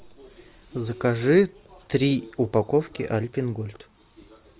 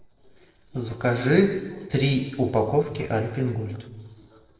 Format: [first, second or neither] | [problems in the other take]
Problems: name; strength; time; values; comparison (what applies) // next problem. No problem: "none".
first | noise reduction (neural separator model SepFormer DNS4)